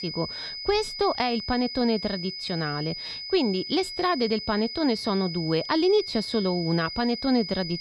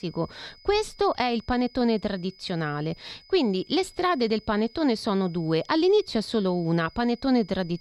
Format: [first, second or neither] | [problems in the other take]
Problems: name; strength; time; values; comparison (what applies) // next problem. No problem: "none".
second | high-pitched whine; loud; throughout; 5 kHz, 7 dB below the speech; faint in the second